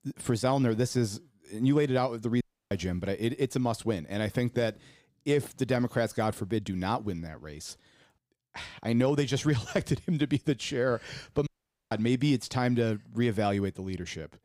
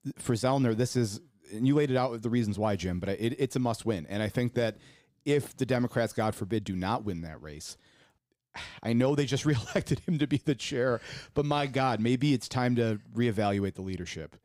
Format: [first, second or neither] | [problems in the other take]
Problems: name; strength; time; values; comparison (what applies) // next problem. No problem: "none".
second | audio cutting out; at 2.5 s and at 11 s